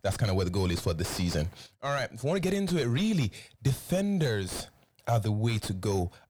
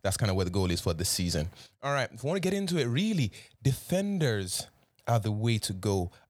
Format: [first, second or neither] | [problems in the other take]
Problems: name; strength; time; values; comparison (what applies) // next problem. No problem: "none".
second | distortion; slight; 9 dB below the speech